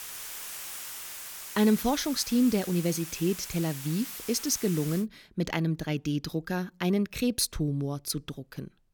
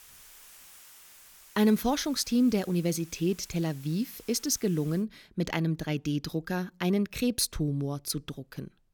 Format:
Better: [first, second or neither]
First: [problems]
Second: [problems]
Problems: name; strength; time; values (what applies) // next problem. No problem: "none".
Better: second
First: hiss; loud; until 5 s; 9 dB below the speech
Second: hiss; faint; until 5 s; 20 dB below the speech